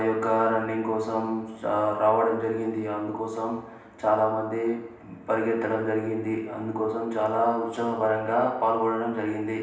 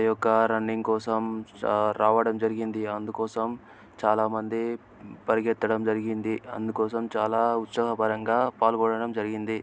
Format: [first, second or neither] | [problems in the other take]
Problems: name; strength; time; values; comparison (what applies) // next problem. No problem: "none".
second | room echo; dies away in 0.9 s